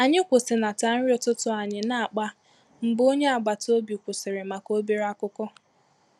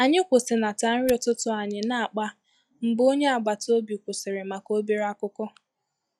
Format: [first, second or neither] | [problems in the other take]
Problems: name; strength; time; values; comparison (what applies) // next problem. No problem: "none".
first | noise reduction (classical method log-MMSE)